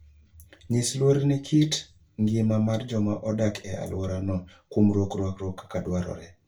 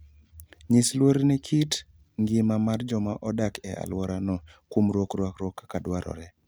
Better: second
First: room echo; dies away in 0.2 s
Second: none

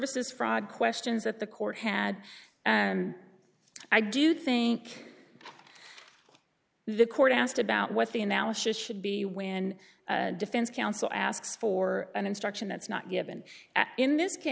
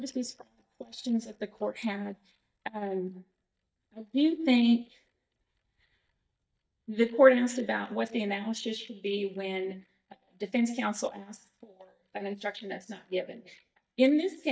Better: first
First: none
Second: noise reduction (neural mask model DeepFilterNet 3)

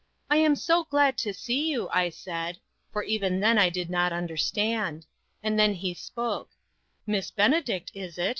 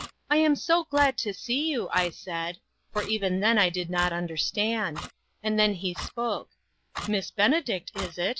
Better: first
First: none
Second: background sound (Clock); 15 dB below the speech

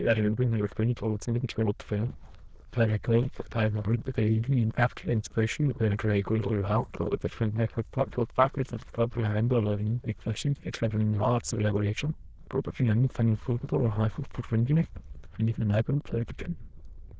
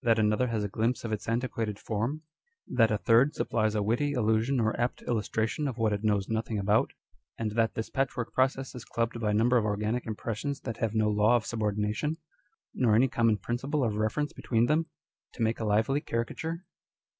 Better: second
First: noise reduction (neural diffusion model UNIVERSE++)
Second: none

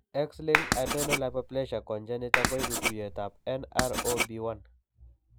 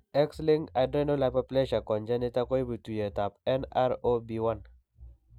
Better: second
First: background sound (Clapping + Writing); 2 dB above the speech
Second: none

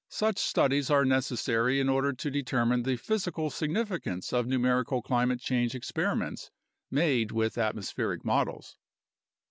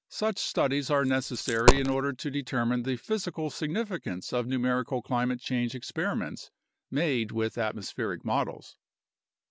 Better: first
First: none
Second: background sound (Coin (dropping)); 3 dB above the speech

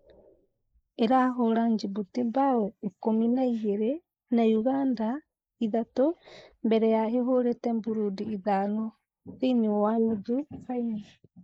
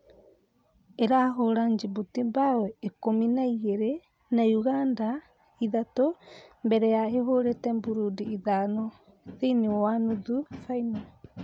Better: second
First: noise reduction (neural mask model Resemble Enhance denoiser)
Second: none

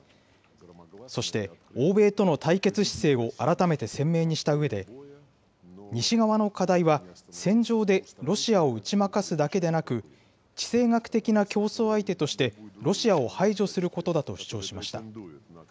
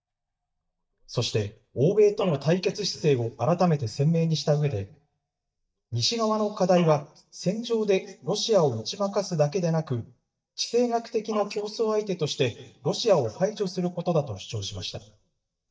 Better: first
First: none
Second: noise reduction (neural mask model DeepFilterNet 3)

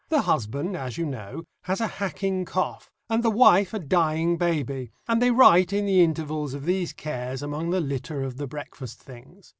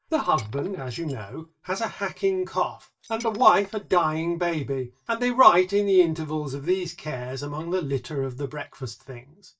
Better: first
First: none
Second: noise reduction (neural mask model DeepFilterNet 3)

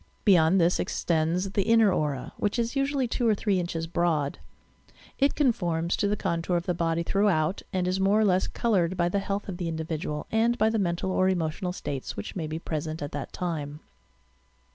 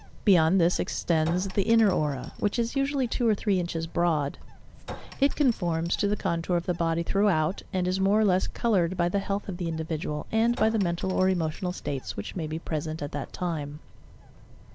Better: first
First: none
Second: background sound (Chink, clink + Bird); 18 dB below the speech

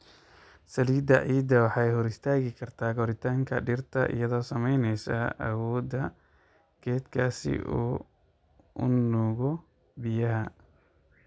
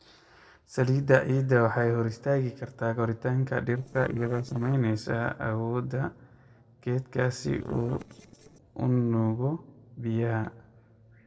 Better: first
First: none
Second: noise reduction (neural separator model SepFormer DNS4)

